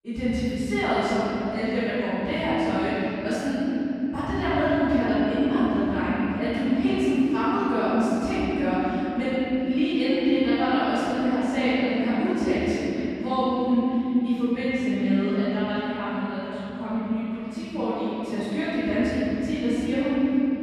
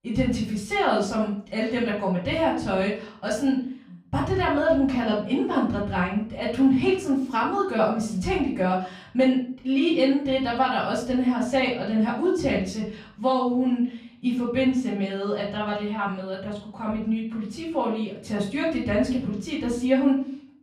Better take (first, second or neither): second